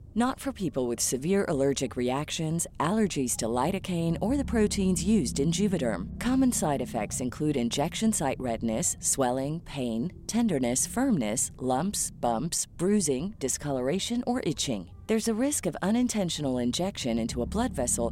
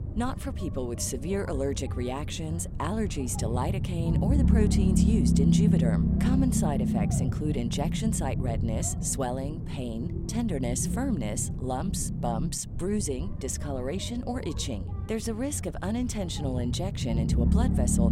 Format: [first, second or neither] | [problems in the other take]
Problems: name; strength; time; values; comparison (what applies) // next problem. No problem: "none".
first | low rumble; loud; throughout; 4 dB below the speech; faint in the first